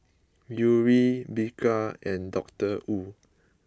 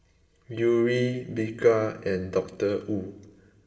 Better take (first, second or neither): first